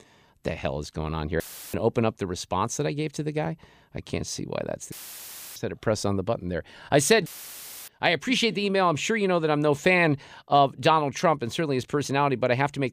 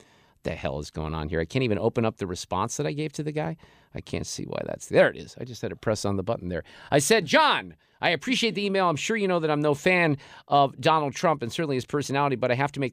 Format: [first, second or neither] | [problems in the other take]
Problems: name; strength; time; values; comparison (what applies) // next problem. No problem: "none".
second | audio cutting out; filled with static; at 1.5 s, at 5 s for 0.5 s and at 7.5 s for 0.5 s